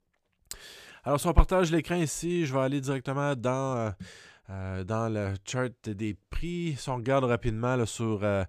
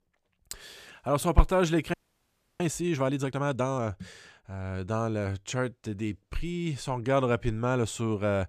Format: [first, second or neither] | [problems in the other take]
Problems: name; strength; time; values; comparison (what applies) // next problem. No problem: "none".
first | audio freezing; at 2 s for 0.5 s